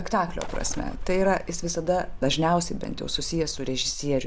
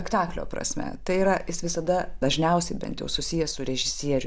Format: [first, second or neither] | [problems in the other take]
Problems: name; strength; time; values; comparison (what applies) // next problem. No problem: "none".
second | background sound (Bird); 11 dB below the speech